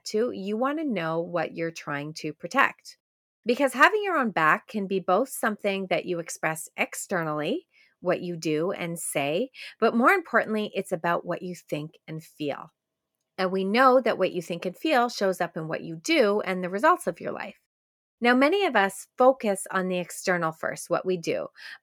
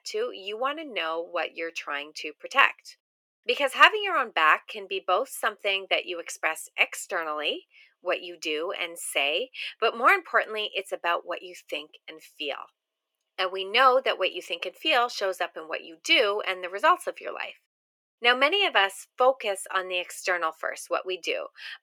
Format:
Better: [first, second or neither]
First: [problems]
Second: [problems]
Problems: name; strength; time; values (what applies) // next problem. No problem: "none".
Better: first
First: none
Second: thin; very; fading below 400 Hz